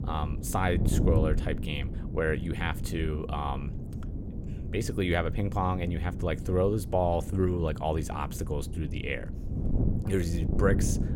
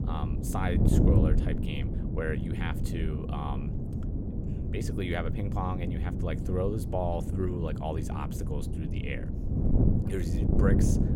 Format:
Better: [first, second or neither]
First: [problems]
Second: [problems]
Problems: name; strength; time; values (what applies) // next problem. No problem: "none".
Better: first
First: wind noise on the microphone; occasional gusts; 10 dB below the speech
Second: wind noise on the microphone; heavy; 3 dB below the speech